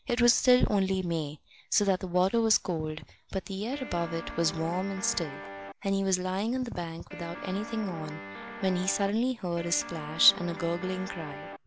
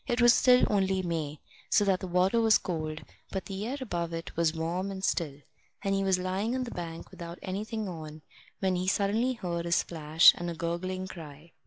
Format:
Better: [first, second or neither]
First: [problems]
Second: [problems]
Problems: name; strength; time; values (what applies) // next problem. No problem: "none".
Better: second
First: background sound (Guitar); 11 dB below the speech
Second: none